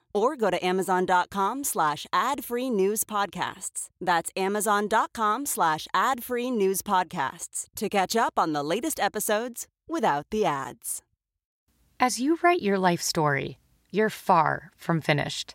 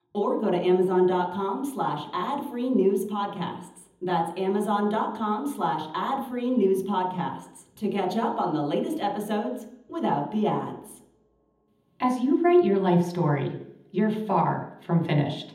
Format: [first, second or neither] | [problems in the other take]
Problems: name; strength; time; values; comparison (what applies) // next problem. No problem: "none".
first | room echo; noticeable; dies away in 0.8 s // off-mic speech; far